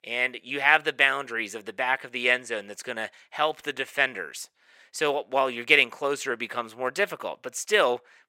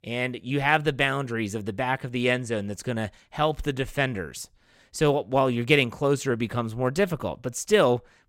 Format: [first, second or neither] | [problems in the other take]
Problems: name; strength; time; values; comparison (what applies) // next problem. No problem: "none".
second | thin; somewhat; fading below 450 Hz